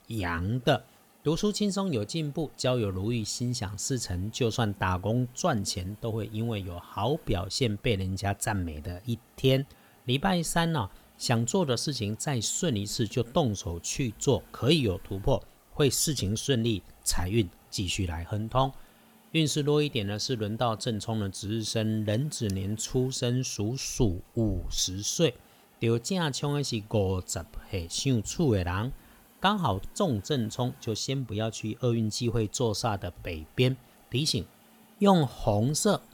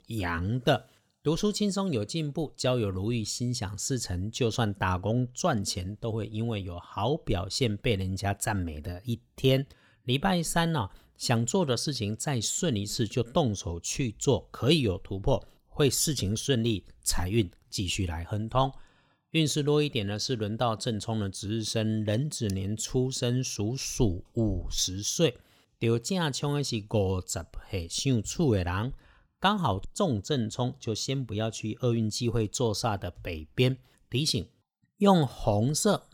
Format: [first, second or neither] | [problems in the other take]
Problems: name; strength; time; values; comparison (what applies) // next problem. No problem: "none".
second | hiss; faint; throughout; 30 dB below the speech